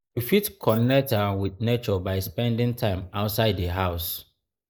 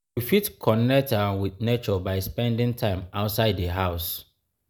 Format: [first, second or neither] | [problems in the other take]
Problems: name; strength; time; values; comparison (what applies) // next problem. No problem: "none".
second | noise reduction (neural mask model Resemble Enhance denoiser)